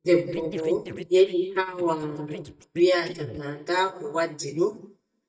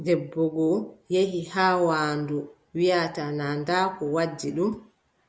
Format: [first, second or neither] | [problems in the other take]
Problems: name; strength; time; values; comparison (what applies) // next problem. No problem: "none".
second | noise reduction (neural mask model DeepFilterNet 3)